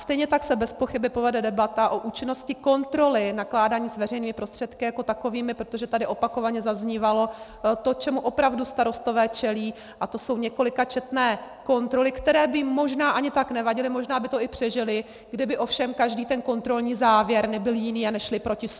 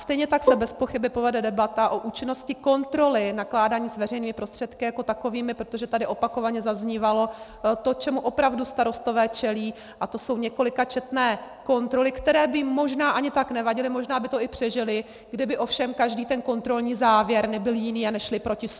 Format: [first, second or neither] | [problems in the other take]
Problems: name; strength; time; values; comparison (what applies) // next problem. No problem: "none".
first | background sound (Bowed string instrument); 1 dB below the speech